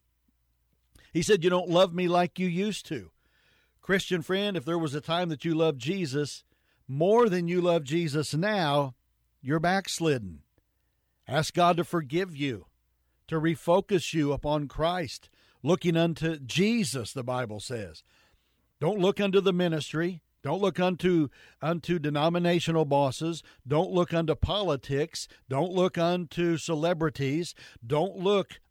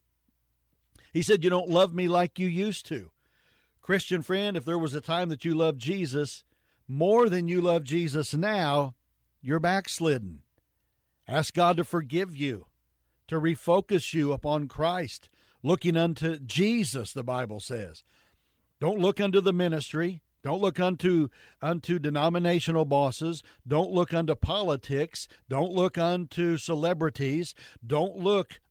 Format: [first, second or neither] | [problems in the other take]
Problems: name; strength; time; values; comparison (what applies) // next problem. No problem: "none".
first | garbled, watery; slightly